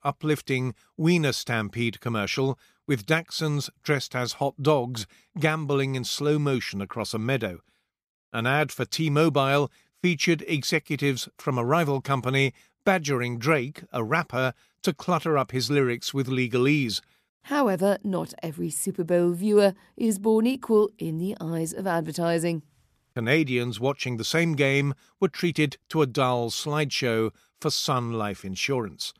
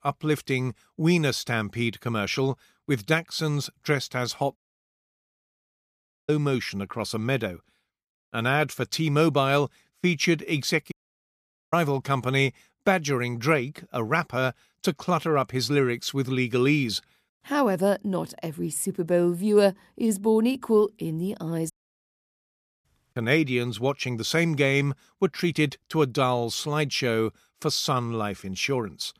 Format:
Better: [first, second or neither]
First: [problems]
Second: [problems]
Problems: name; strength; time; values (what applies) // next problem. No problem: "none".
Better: first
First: none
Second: audio cutting out; at 4.5 s for 1.5 s, at 11 s for 1 s and at 22 s for 1 s